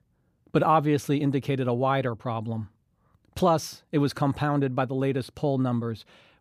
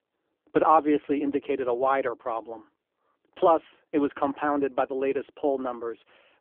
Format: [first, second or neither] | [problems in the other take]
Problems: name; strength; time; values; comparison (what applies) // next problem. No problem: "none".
first | phone-call audio; poor line